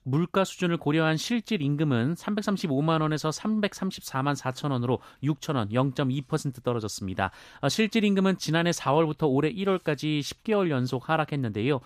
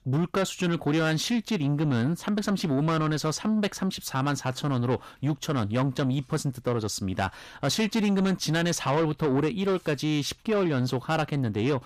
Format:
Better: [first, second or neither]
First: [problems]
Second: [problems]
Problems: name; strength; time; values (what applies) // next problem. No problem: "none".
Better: first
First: none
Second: distortion; slight; 10 dB below the speech